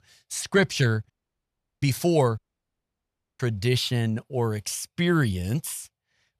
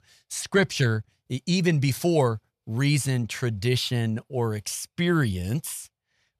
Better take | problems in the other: second | audio cutting out; at 1 s for 0.5 s and at 2.5 s for 1 s

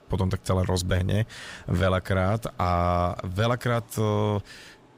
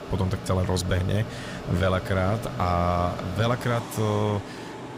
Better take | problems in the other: first | machinery noise; loud; throughout; 9 dB below the speech; faint in the first

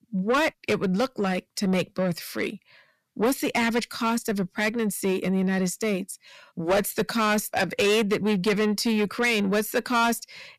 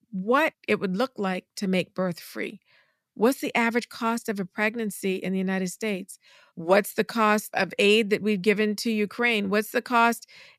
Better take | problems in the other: second | distortion; heavy; 7 dB below the speech

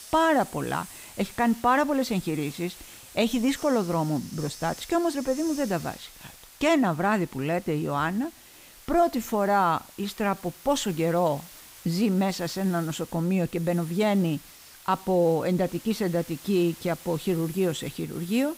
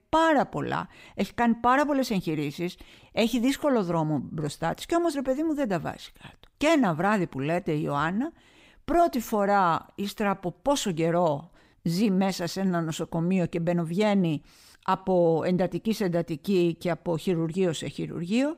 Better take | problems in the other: second | hiss; noticeable; throughout; 20 dB below the speech

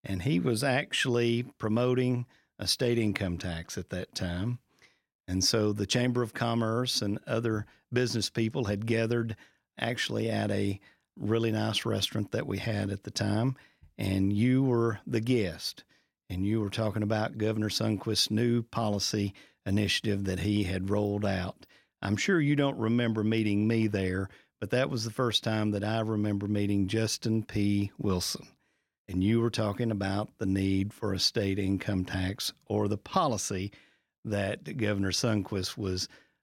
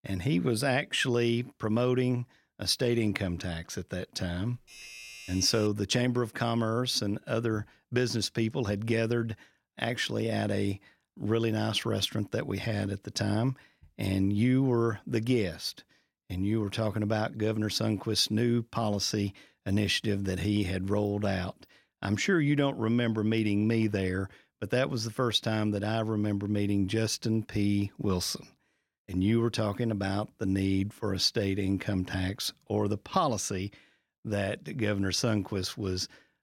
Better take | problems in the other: first | doorbell; faint; from 4.5 to 5.5 s; peak 15 dB below the speech

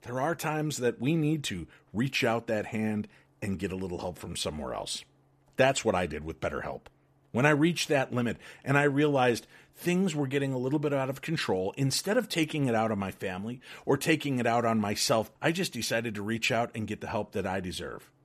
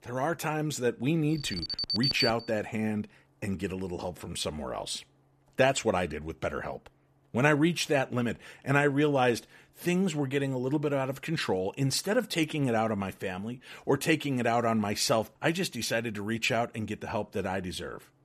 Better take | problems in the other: first | alarm; loud; from 1.5 to 2.5 s; peak 2 dB above the speech

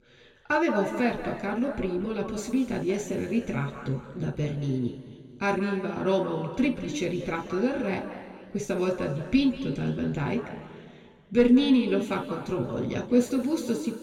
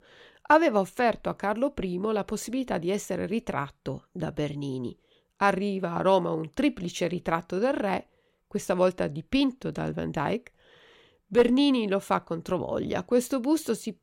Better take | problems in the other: second | room echo; noticeable; dies away in 2.2 s // off-mic speech; somewhat distant

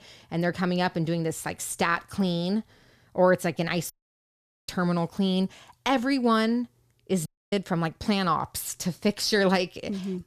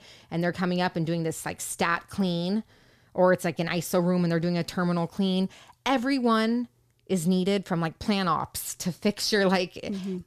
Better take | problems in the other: second | audio cutting out; at 4 s for 1 s and at 7.5 s

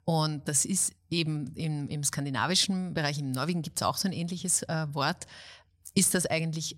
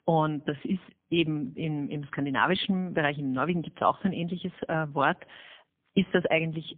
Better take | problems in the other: first | phone-call audio; poor line

